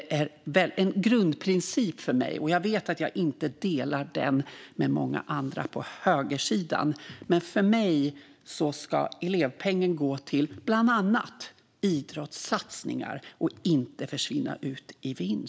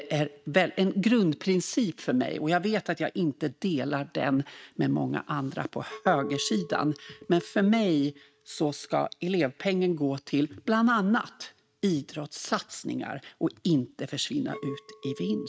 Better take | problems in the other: first | noise reduction (neural mask model RNNoise)

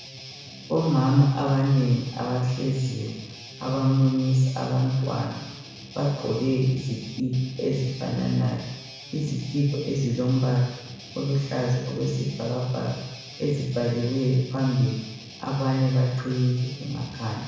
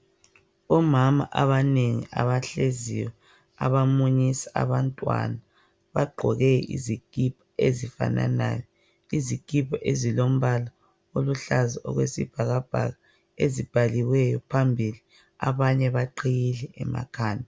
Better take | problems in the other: second | background sound (Guitar); 17 dB below the speech // room echo; dies away in 1.1 s

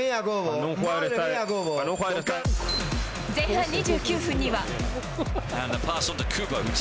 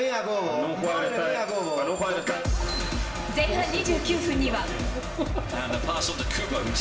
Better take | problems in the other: first | background sound (Cheering); 18 dB below the speech // room echo; dies away in 1.9 s

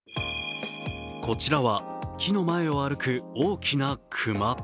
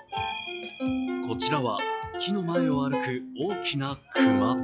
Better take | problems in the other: first | noise reduction (classical method log-MMSE)

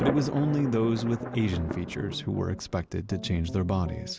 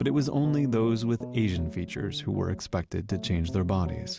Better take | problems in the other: second | background sound (Thunder); 10 dB below the speech

